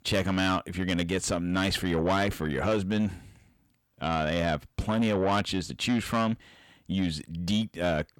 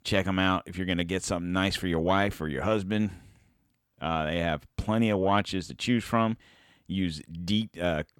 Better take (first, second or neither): second